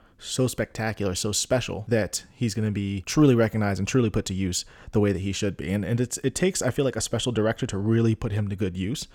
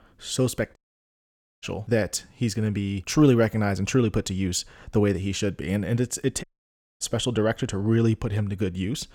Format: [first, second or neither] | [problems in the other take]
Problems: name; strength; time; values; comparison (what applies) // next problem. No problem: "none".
first | audio cutting out; at 1 s for 1 s and at 6.5 s for 0.5 s